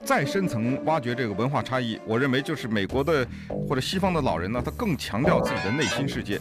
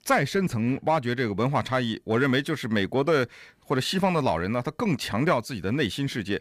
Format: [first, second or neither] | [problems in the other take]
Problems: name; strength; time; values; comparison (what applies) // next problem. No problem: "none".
second | background music; loud; throughout; 6 dB below the speech